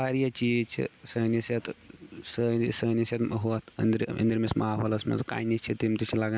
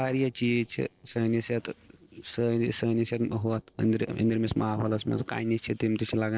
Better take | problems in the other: first | noise reduction (neural separator model SepFormer DNS4)

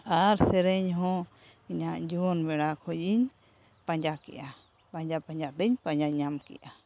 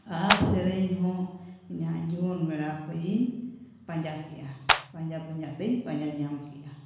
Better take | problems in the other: first | background sound (Clapping); 4 dB above the speech // room echo; dies away in 1.1 s

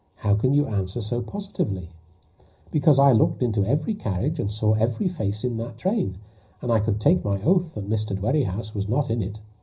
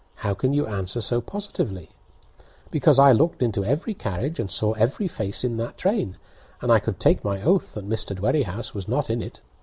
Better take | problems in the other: second | room echo; dies away in 0.4 s

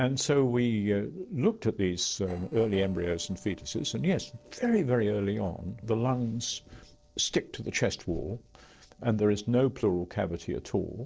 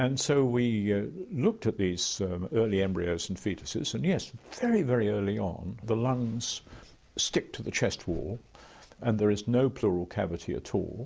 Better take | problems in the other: second | noise reduction (neural separator model SepFormer DNS4)

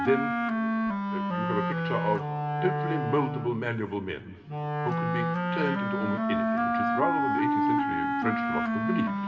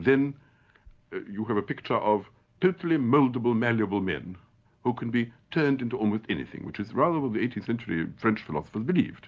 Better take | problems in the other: second | background sound (Wind instrument, woodwind instrument); 4 dB above the speech // room echo; dies away in 2.2 s

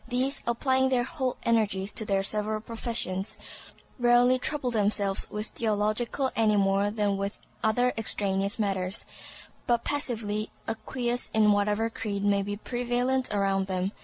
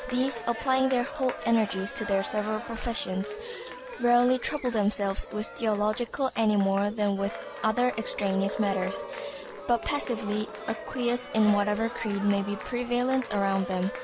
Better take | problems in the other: first | background sound (Cheering); 11 dB below the speech

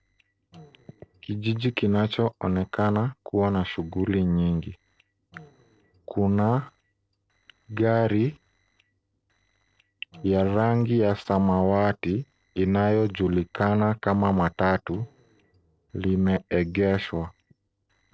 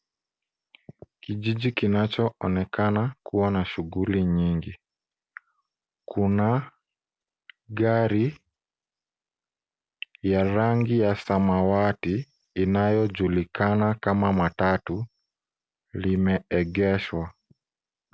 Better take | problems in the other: second | noise reduction (neural separator model SepFormer DNS4)

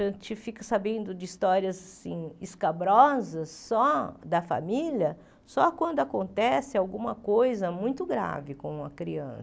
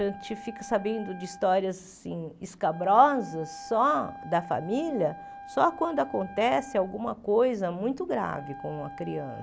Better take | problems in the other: first | background sound (Wind instrument, woodwind instrument); 16 dB below the speech

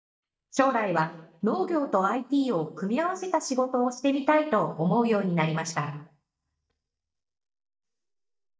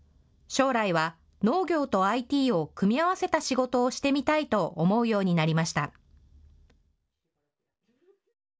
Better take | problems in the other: second | noise reduction (neural mask model DeepFilterNet 3)

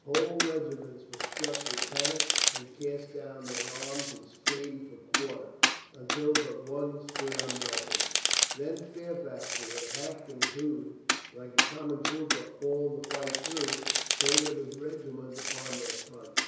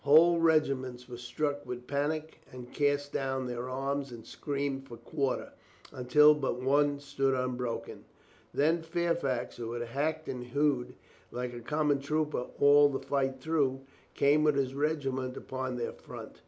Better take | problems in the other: second | background sound (Domestic sounds, home sounds); 3 dB above the speech // room echo; dies away in 1 s

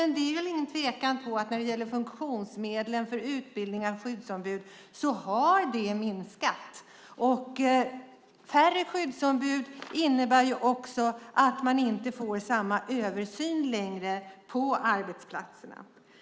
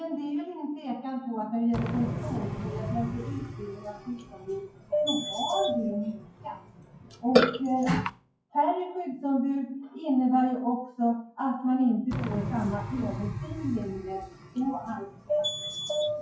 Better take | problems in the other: first | noise reduction (classical method WPE with log-MMSE)

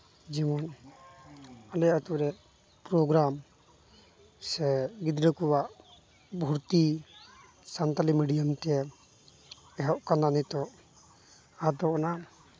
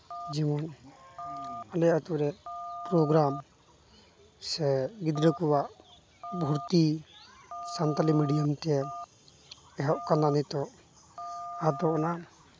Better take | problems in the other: first | background sound (Telephone); 12 dB below the speech

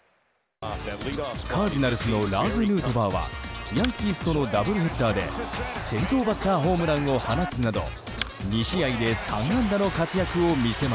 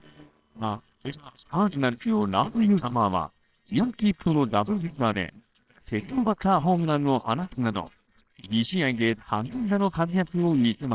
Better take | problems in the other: first | noise reduction (neural separator model SepFormer WHAMR!)

